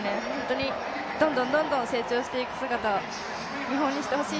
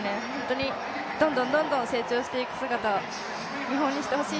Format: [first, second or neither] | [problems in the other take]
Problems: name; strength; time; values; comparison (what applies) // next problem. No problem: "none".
second | background sound (Liquid); 14 dB below the speech